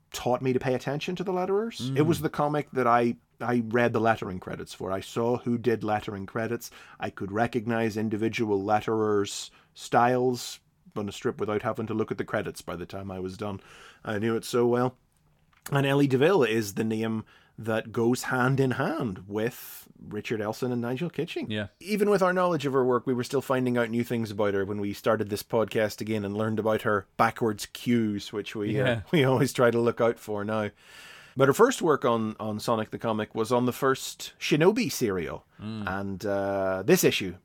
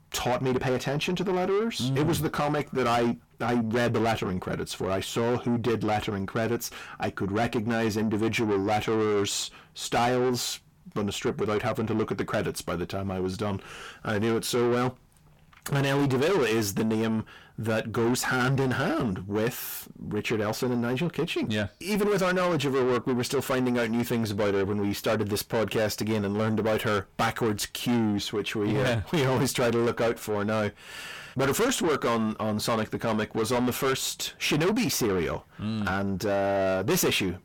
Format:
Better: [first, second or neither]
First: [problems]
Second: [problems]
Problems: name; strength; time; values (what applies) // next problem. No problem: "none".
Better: first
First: none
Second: distortion; heavy; 6 dB below the speech